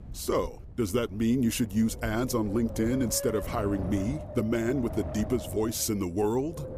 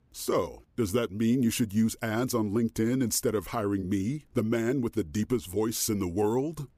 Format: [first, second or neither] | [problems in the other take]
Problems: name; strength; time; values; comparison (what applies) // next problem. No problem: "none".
second | wind noise on the microphone; heavy; 10 dB below the speech